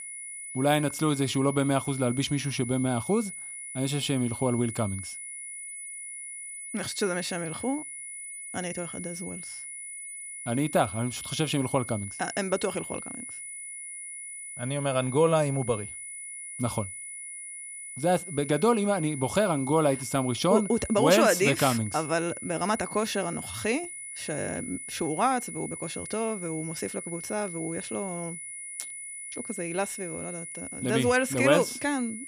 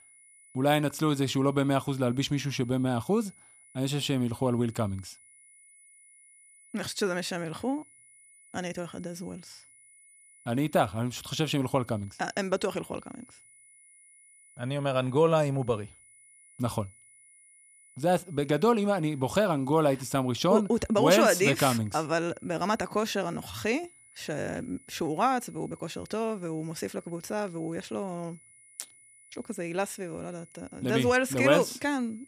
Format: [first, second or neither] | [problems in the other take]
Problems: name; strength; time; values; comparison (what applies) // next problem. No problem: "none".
second | high-pitched whine; loud; throughout; 10 kHz, 9 dB below the speech; faint in the second